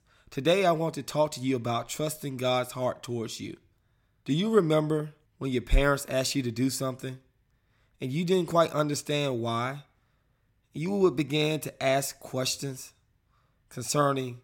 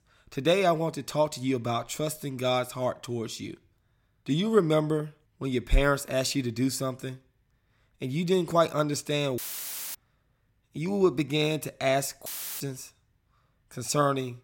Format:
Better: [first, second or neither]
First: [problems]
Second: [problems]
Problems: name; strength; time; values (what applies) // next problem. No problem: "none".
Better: first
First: none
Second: audio cutting out; filled with static; at 9.5 s for 0.5 s and at 12 s